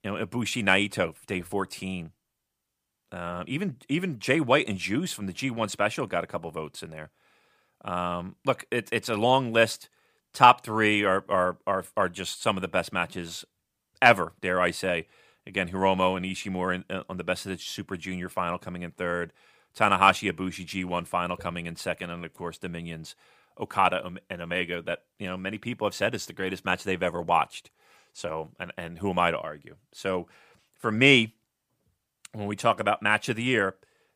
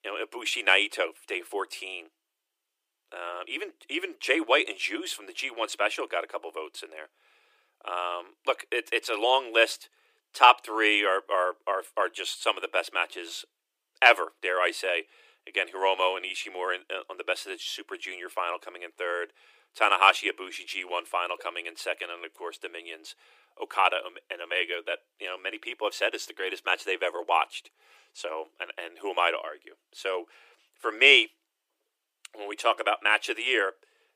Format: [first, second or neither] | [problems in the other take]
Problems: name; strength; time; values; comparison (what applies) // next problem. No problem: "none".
first | thin; very; fading below 300 Hz